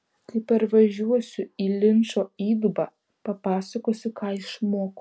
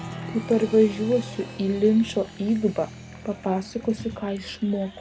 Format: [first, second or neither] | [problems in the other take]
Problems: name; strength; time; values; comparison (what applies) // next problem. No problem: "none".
first | background sound (Applause); 14 dB below the speech